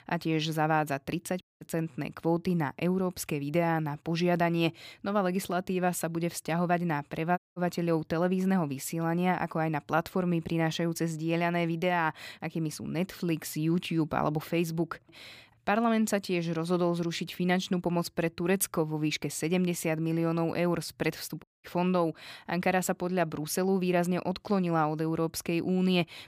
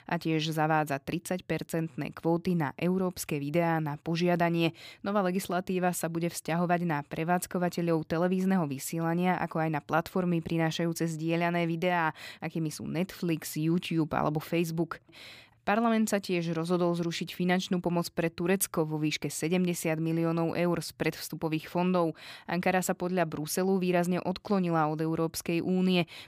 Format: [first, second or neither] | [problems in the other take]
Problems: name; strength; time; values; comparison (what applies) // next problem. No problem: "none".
second | audio cutting out; at 1.5 s, at 7.5 s and at 21 s